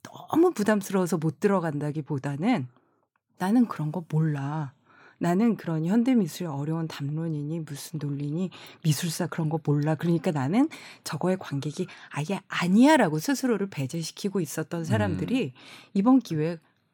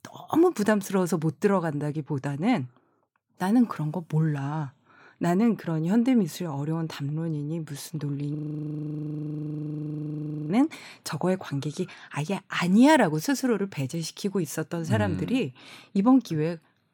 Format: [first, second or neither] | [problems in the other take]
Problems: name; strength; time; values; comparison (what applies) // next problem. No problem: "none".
first | audio freezing; at 8.5 s for 2 s